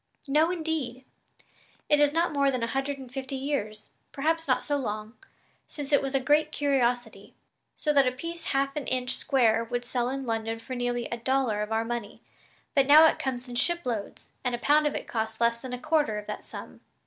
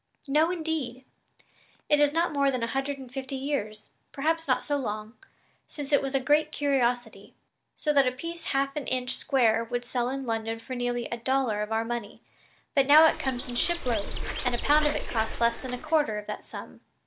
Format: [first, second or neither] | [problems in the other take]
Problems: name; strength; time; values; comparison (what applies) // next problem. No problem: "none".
first | background sound (Bird); 4 dB below the speech